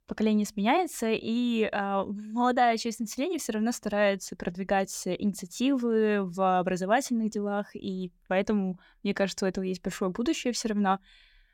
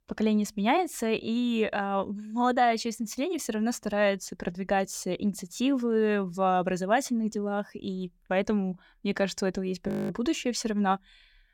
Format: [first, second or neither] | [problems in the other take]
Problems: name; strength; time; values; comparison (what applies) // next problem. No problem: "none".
first | audio freezing; at 10 s